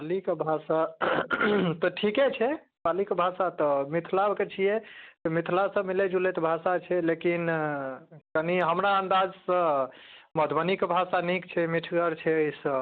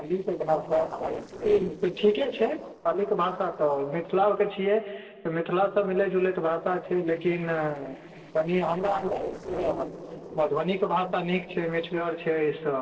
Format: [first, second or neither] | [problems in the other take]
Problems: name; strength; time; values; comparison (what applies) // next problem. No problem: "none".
first | noise reduction (neural separator model SepFormer DNS4)